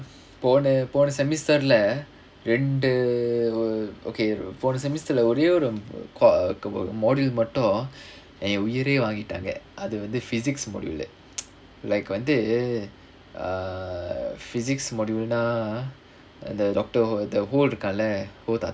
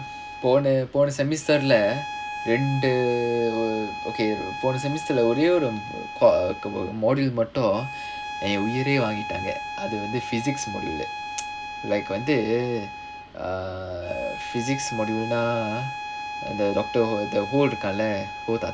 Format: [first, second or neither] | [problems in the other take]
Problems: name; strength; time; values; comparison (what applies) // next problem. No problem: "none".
first | background sound (Bowed string instrument); 9 dB below the speech